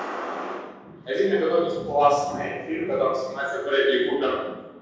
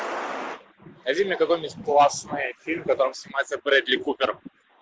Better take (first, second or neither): second